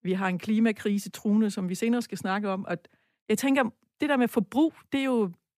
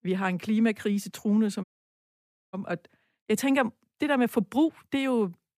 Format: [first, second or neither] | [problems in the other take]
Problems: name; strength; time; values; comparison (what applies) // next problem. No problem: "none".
first | audio cutting out; at 1.5 s for 1 s